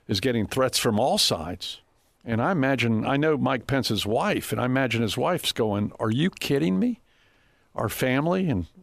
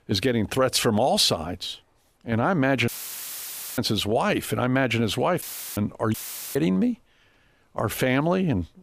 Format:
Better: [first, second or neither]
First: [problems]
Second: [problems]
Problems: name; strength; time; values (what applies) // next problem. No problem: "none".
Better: first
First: none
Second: audio cutting out; filled with static; at 3 s for 1 s, at 5.5 s and at 6 s